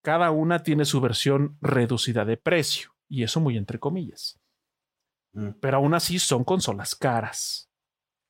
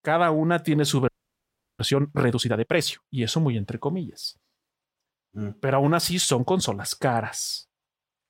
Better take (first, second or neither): first